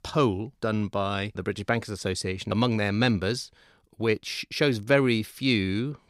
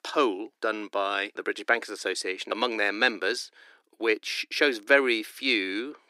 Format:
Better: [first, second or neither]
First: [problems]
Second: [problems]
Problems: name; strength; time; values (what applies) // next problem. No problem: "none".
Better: first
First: none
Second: thin; somewhat; fading below 300 Hz